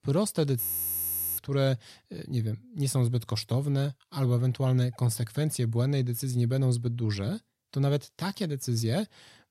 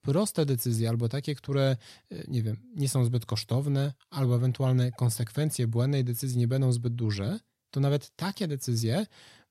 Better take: second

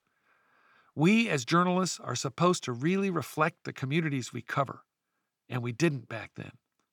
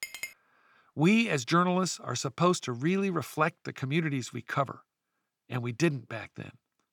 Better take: first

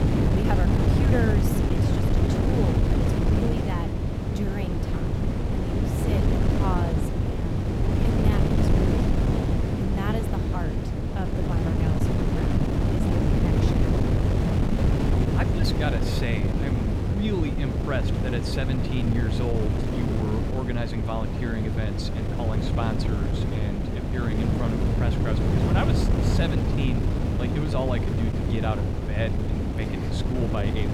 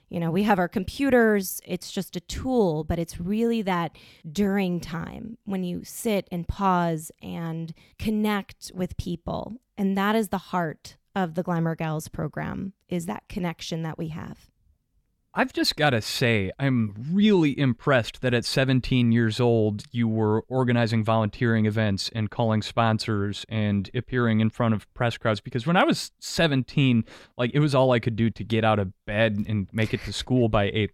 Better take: second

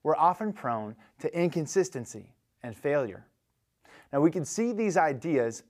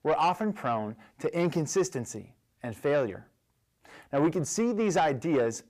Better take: first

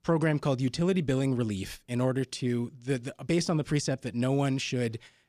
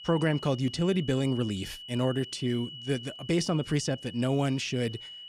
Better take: first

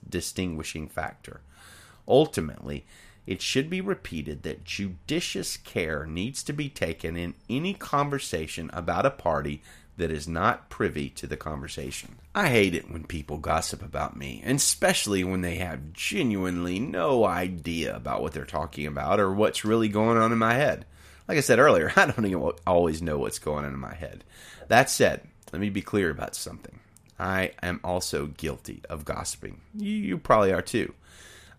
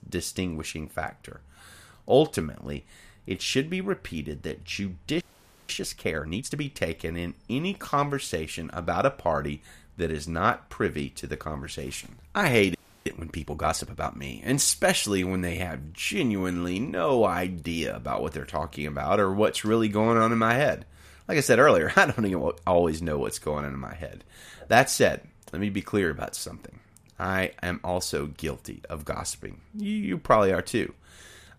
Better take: first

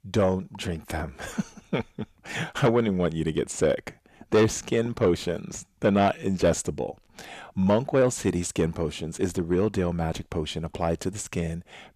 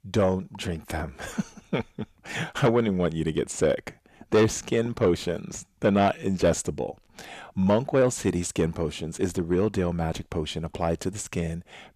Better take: neither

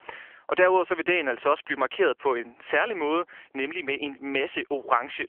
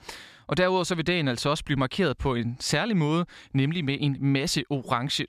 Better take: second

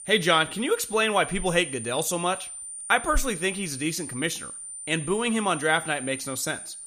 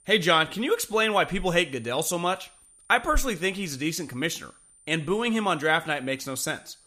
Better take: second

